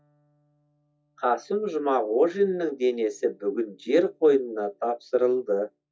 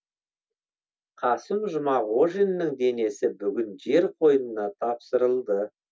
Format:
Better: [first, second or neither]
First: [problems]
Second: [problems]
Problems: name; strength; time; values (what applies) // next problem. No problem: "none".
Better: second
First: noise reduction (classical method log-MMSE)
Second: none